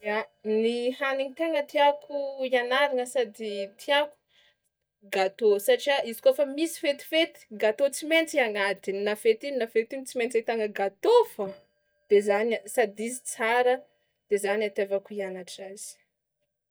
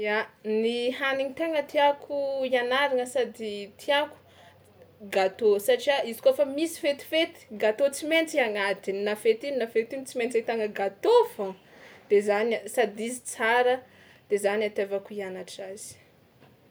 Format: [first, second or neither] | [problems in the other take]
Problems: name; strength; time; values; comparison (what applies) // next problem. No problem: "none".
second | noise reduction (neural mask model DeepFilterNet 3)